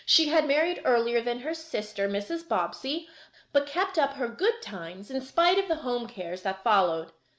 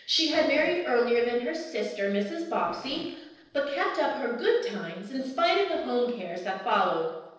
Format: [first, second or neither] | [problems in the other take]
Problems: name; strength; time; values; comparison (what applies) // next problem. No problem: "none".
first | noise reduction (neural separator model SepFormer DNS4)